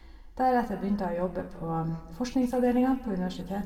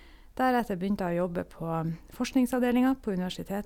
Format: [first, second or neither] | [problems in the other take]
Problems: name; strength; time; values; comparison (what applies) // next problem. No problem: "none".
second | room echo; dies away in 1.3 s